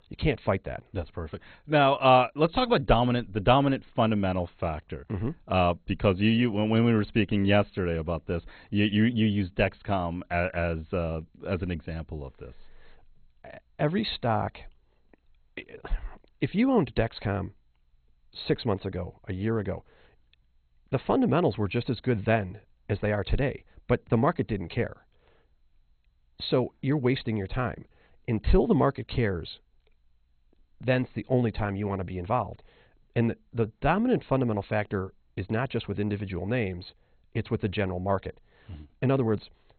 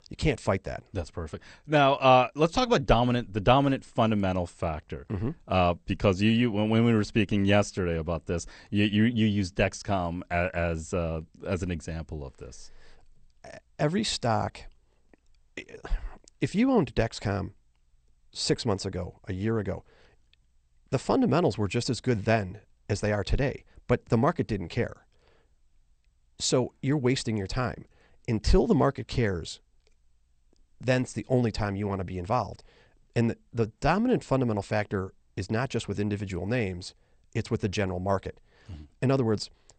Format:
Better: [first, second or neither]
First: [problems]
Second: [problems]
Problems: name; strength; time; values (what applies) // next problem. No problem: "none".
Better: second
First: garbled, watery; badly; nothing above 4 kHz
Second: garbled, watery; slightly; nothing above 8.5 kHz